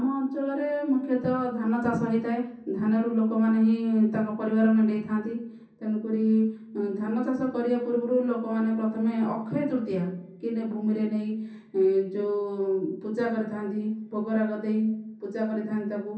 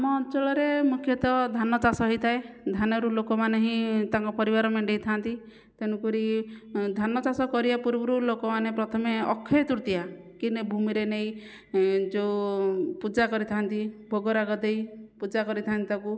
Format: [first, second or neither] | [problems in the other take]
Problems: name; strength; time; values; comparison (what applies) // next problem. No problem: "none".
second | room echo; dies away in 0.6 s